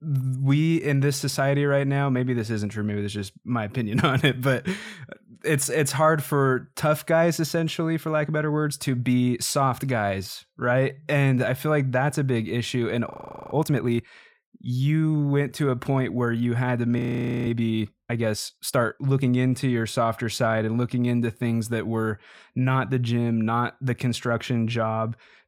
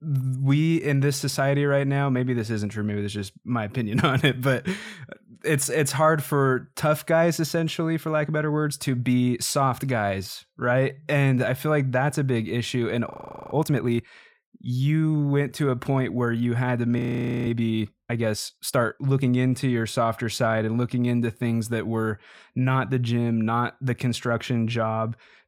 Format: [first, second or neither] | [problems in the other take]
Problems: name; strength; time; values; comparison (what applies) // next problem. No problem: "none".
neither | audio freezing; at 13 s and at 17 s; the same in both